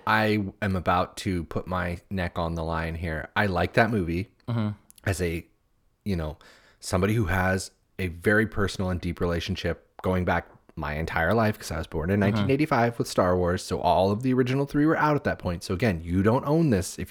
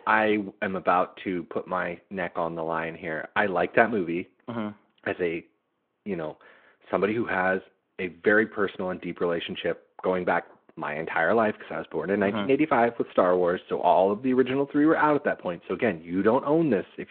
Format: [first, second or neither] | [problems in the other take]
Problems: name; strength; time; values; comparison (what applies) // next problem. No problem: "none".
first | phone-call audio